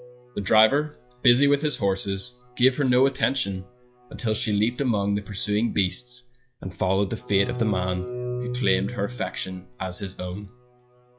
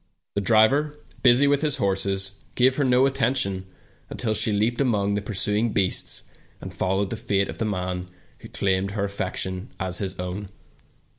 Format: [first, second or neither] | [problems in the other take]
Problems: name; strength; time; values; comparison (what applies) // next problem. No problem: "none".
second | noise reduction (classical method log-MMSE)